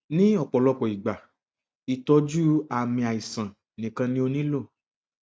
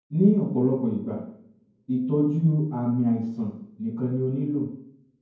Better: first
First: none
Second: room echo; dies away in 0.9 s

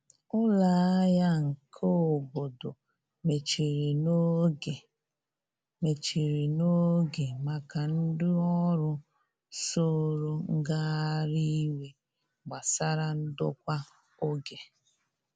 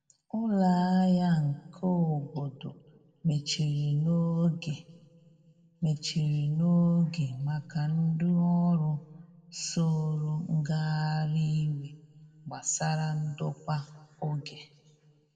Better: first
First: none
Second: room echo; dies away in 1.3 s

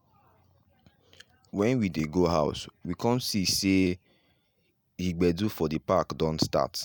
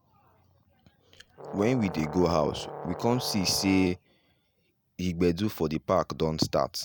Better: first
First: none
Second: background sound (Brass instrument); 11 dB below the speech

